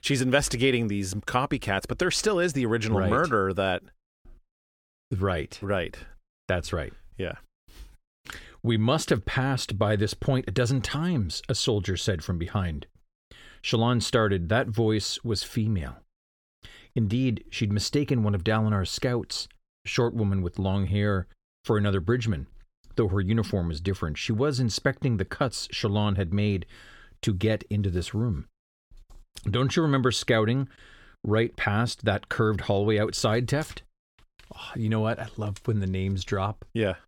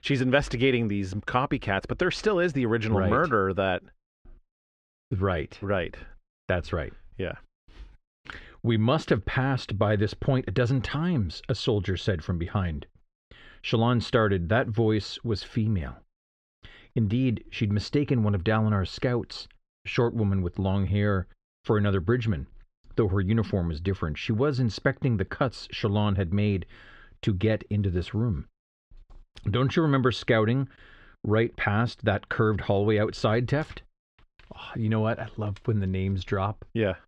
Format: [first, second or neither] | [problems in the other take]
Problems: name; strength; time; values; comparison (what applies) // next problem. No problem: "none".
first | muffled; slightly; fading above 3 kHz